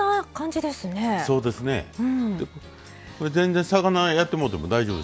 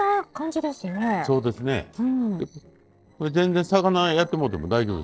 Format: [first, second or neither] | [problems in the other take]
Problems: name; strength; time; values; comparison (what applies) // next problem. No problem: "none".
first | noise reduction (neural separator model SepFormer DNS4)